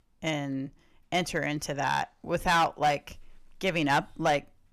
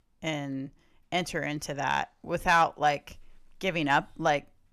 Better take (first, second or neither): second